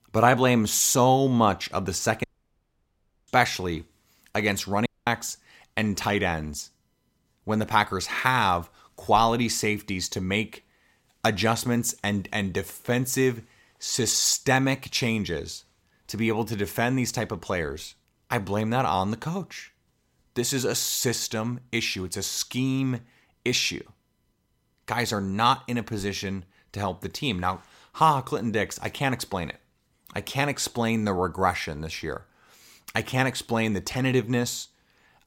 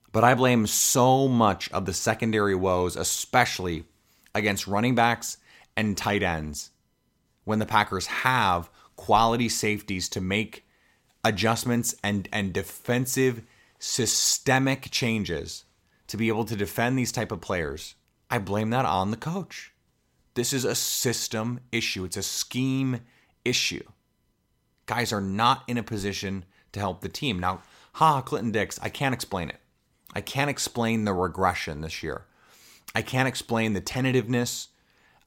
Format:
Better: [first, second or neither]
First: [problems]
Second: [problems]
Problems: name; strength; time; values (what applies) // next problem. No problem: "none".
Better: second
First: audio cutting out; at 2 s for 1 s and at 5 s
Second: none